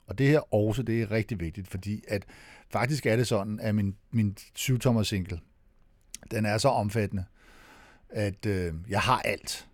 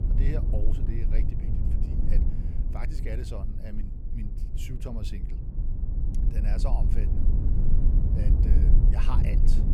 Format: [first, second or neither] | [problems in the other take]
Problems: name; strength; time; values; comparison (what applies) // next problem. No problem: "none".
first | low rumble; loud; throughout; 1 dB below the speech